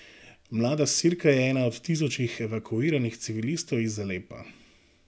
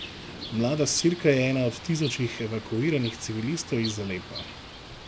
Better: first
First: none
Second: background sound (Bird); 13 dB below the speech

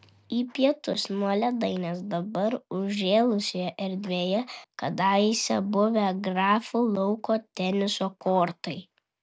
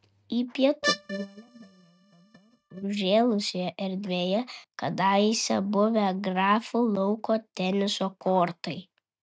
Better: first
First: none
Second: noise reduction (neural mask model RNNoise)

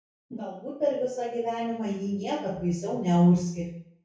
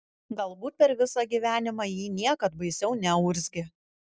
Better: second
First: room echo; dies away in 0.6 s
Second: none

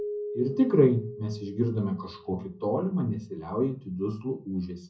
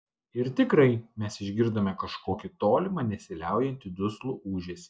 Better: second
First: background sound (Keyboard (musical)); 13 dB below the speech // room echo; dies away in 0.4 s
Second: none

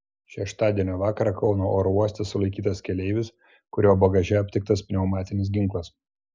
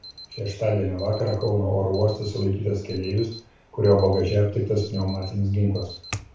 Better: first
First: none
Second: background sound (Alarm); 19 dB below the speech // room echo; dies away in 0.4 s

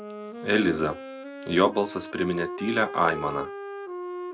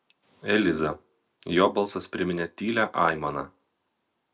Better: second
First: background sound (Wind instrument, woodwind instrument); 9 dB below the speech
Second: none

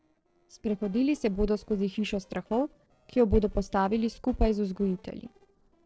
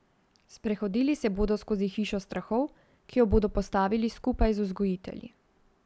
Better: second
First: noise reduction (neural separator model SepFormer DNS4)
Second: none

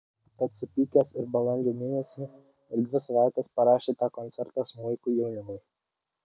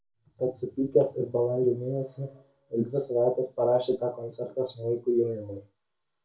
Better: first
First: none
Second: room echo; dies away in 0.3 s

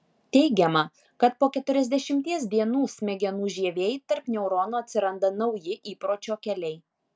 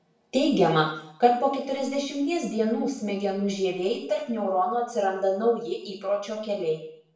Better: first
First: none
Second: room echo; dies away in 0.6 s

